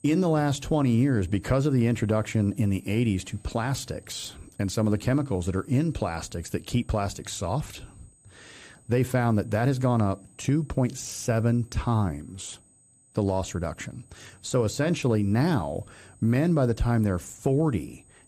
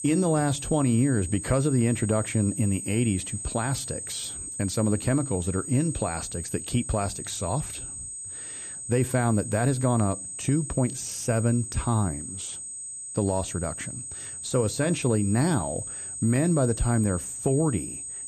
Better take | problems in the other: first | high-pitched whine; loud; throughout; 8 kHz, 7 dB below the speech; faint in the first

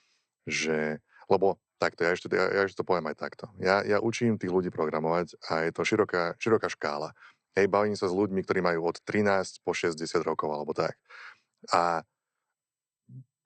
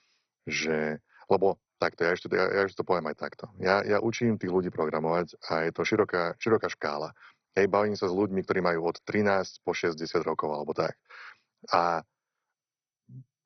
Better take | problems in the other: first | garbled, watery; badly; nothing above 6 kHz; slightly in the first

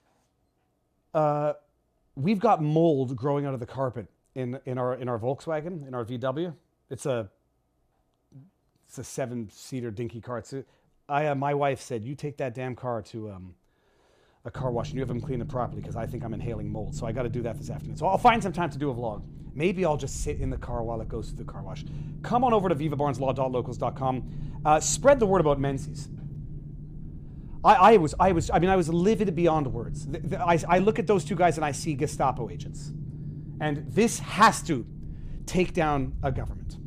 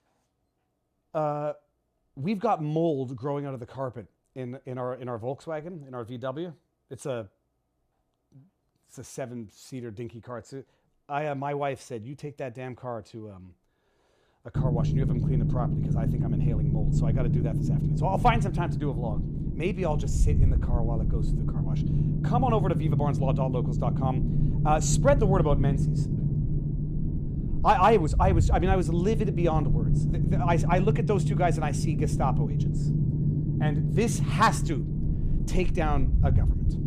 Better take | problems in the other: first | low rumble; loud; from 15 s on; 8 dB below the speech; faint in the first

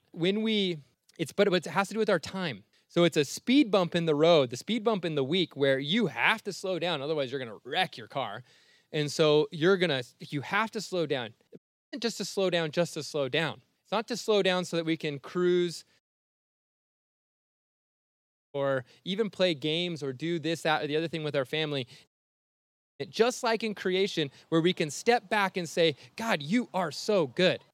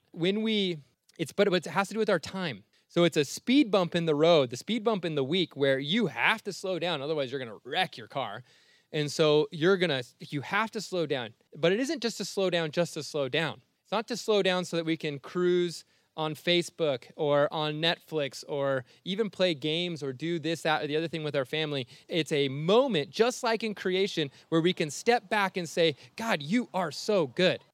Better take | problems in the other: second | audio cutting out; at 12 s, at 16 s for 2.5 s and at 22 s for 1 s

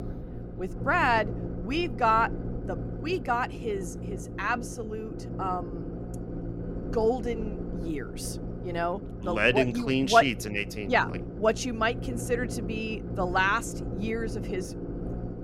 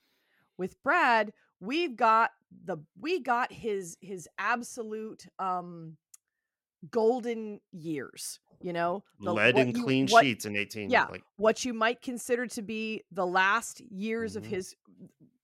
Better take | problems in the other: second | low rumble; noticeable; throughout; 15 dB below the speech

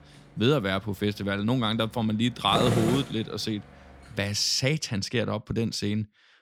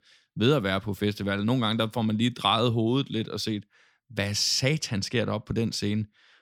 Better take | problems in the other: second | machinery noise; loud; until 4.5 s; 3 dB below the speech

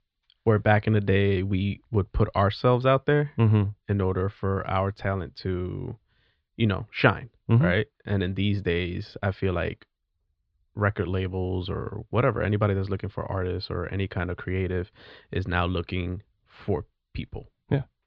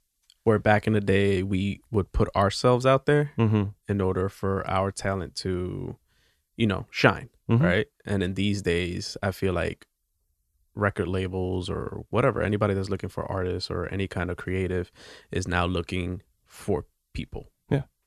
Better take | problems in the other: second | muffled; very slightly; fading above 4 kHz

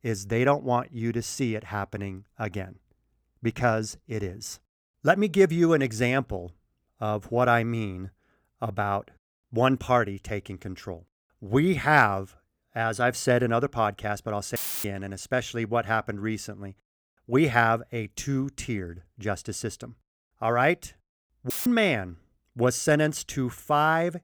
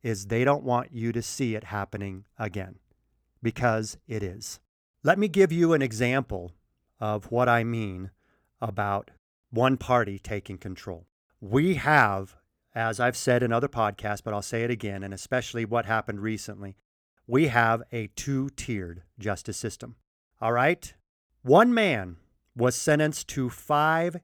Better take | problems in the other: second | audio cutting out; filled with static; at 15 s and at 22 s

